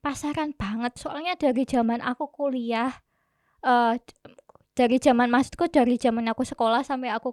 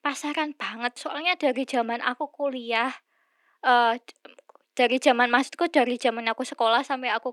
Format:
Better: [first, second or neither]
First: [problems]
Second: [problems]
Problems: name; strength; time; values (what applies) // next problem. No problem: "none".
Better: first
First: none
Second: thin; very slightly; fading below 250 Hz